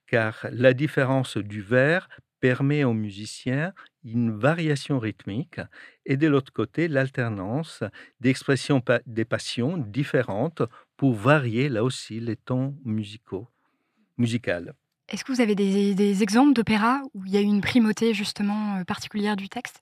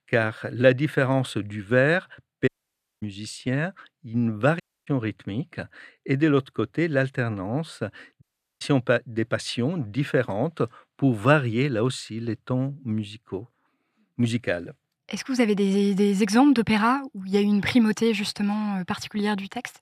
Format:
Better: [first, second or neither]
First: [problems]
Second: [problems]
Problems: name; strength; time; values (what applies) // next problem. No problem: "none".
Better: first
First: none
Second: audio cutting out; at 2.5 s for 0.5 s, at 4.5 s and at 8 s